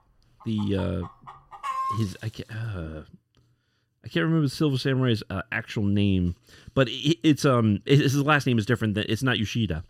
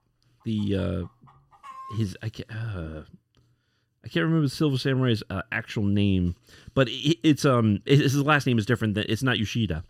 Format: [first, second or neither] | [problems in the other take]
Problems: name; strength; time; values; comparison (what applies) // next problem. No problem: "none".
second | animal sounds; loud; until 2 s; 10 dB below the speech; faint in the second